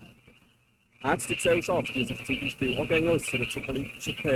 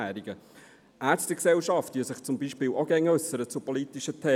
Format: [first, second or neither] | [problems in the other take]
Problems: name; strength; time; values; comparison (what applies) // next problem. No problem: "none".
second | noise reduction (neural mask model RNNoise)